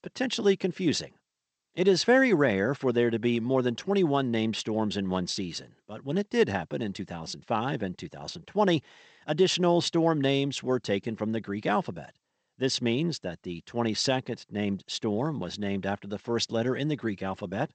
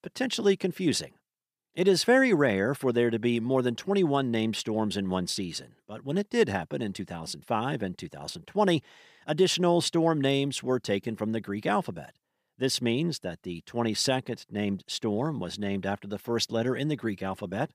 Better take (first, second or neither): second